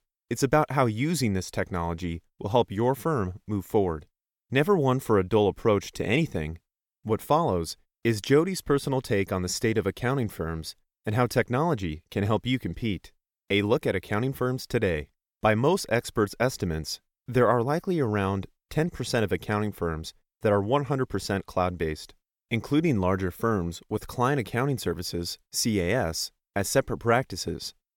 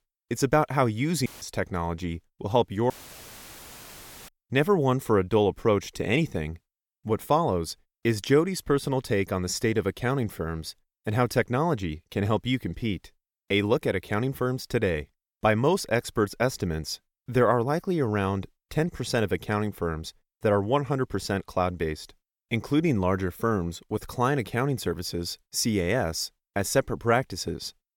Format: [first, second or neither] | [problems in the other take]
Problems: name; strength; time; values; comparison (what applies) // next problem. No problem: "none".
first | audio cutting out; filled with static; at 1.5 s and at 3 s for 1.5 s